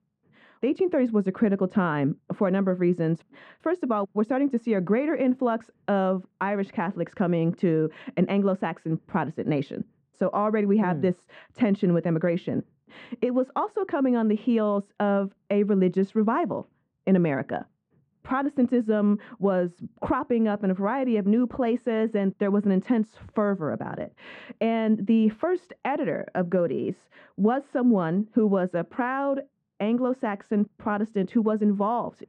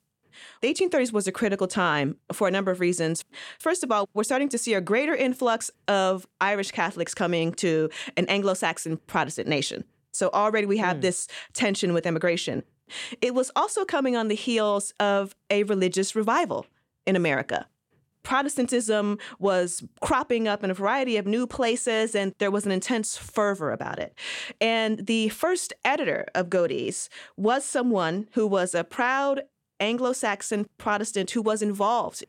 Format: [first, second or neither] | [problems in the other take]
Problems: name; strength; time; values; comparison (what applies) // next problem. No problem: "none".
second | muffled; very; fading above 1.5 kHz